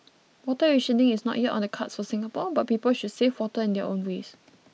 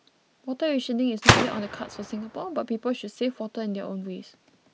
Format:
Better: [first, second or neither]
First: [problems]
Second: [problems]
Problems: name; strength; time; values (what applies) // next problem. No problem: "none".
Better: first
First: none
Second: background sound (Gunshot, gunfire); 2 dB above the speech